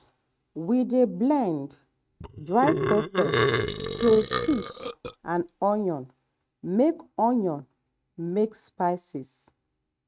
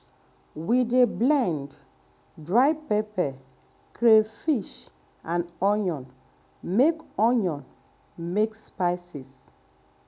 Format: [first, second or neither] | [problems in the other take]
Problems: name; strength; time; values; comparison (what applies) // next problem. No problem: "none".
second | noise reduction (neural mask model RNNoise)